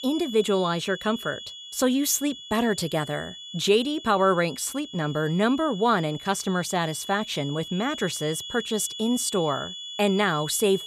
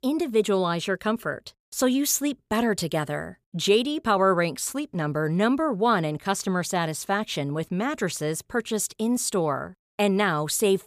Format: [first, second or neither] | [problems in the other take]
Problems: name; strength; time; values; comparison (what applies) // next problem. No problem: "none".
second | high-pitched whine; noticeable; throughout; 3.5 kHz, 10 dB below the speech